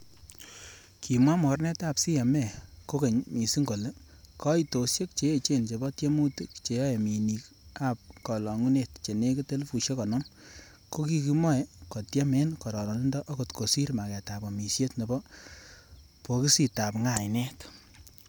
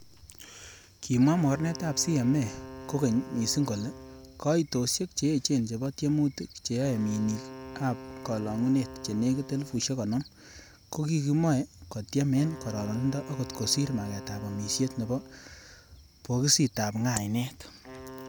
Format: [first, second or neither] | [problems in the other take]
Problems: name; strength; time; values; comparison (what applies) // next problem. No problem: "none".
first | background sound (Wind instrument, woodwind instrument); 17 dB below the speech